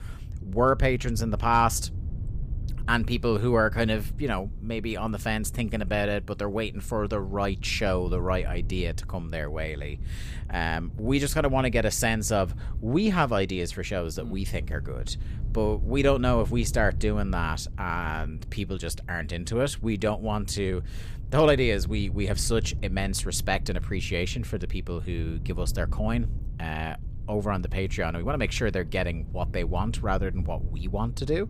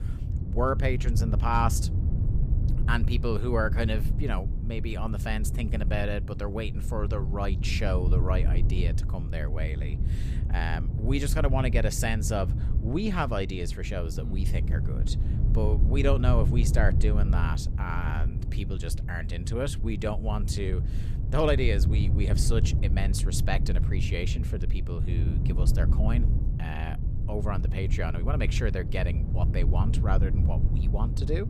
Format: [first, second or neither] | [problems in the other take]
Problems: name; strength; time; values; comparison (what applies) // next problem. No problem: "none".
first | wind noise on the microphone; heavy; 9 dB below the speech; occasional gusts in the first